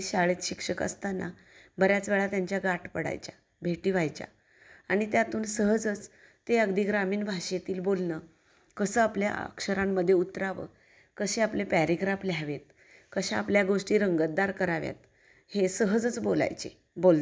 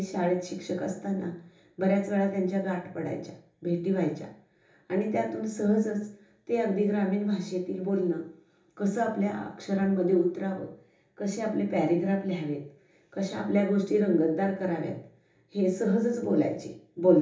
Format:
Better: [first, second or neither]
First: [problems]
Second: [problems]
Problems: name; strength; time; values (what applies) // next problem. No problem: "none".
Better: first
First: none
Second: room echo; dies away in 1.2 s